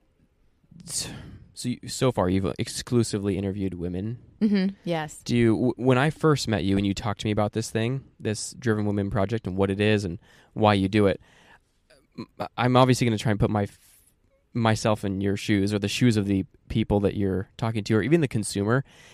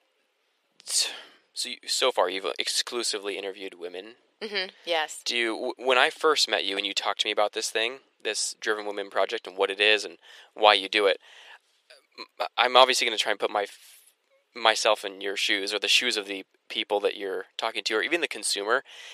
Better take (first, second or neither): first